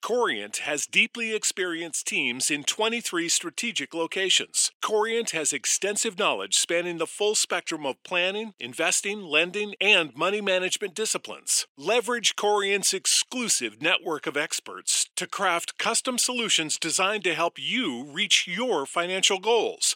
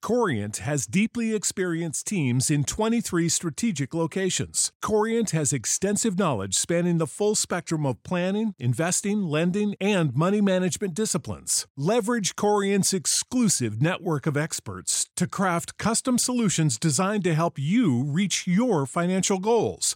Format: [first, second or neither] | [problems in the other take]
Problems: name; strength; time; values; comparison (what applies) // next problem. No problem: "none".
second | thin; somewhat; fading below 350 Hz